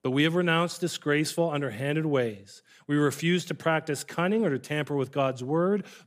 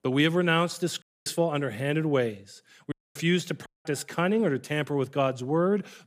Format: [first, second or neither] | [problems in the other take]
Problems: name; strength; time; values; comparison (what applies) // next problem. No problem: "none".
first | audio cutting out; at 1 s, at 3 s and at 3.5 s